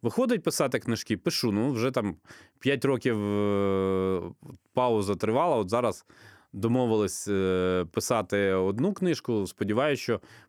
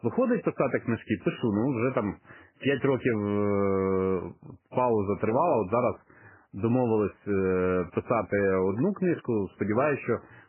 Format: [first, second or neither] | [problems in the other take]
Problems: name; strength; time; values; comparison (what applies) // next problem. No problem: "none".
first | garbled, watery; badly; nothing above 3 kHz